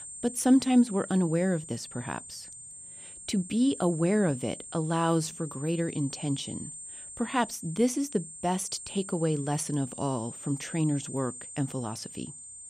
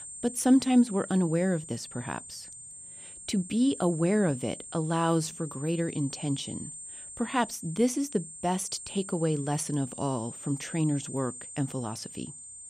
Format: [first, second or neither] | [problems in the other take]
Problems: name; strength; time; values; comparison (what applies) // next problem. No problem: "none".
neither | high-pitched whine; noticeable; throughout; 8.5 kHz, 10 dB below the speech; the same in both